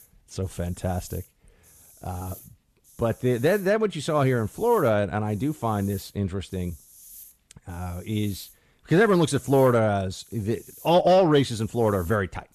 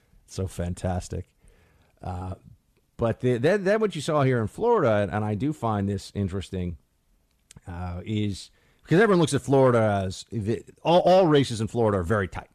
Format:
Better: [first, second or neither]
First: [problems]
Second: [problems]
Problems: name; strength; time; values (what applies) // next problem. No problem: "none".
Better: second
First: hiss; faint; throughout; 25 dB below the speech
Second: none